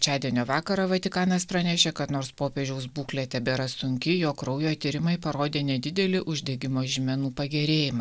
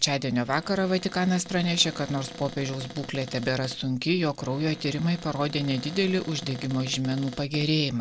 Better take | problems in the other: first | background sound (Cupboard open or close); 16 dB below the speech

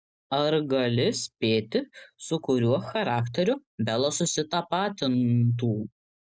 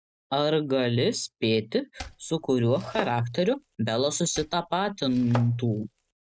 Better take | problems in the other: first | noise reduction (neural mask model RNNoise)

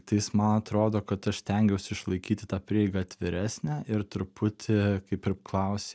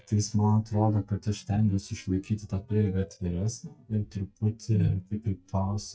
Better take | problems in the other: first | noise reduction (neural mask model DeepFilterNet 3)

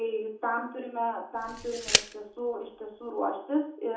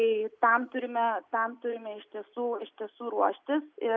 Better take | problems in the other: second | background sound (Tick); as loud as the speech // room echo; dies away in 0.6 s

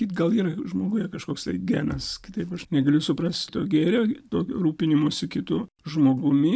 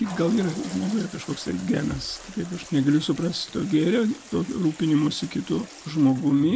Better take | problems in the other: first | background sound (Toilet flush); 18 dB below the speech

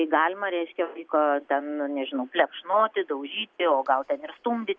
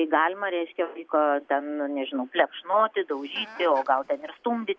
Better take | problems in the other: first | background sound (Chicken, rooster); 19 dB below the speech

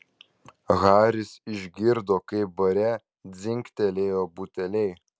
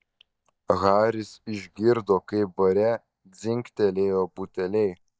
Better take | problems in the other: first | noise reduction (neural mask model DeepFilterNet 3)

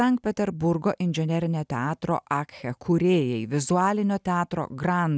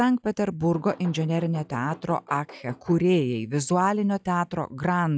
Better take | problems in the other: first | noise reduction (classical method log-MMSE)

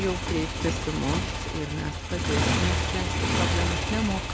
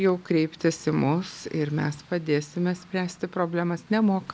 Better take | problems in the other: second | background sound (Motorcycle); 4 dB above the speech

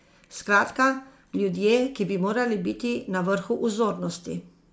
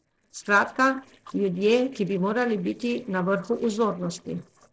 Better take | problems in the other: first | noise reduction (neural separator model SepFormer DNS4)

